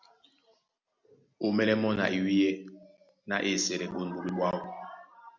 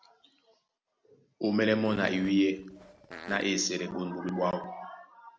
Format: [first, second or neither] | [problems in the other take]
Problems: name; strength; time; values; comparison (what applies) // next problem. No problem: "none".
first | background sound (Fart); 17 dB below the speech